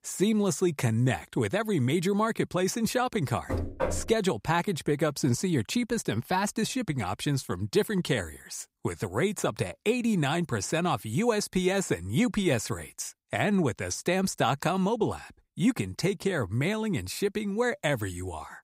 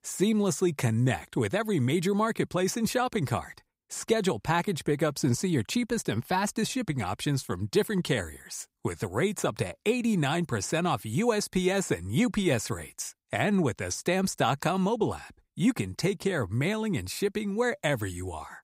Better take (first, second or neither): second